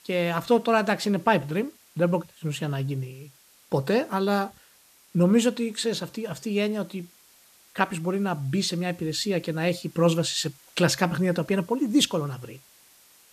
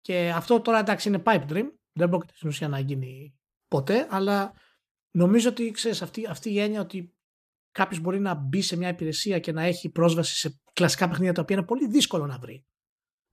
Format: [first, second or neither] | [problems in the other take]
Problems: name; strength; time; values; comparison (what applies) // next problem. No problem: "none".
second | hiss; faint; throughout; 30 dB below the speech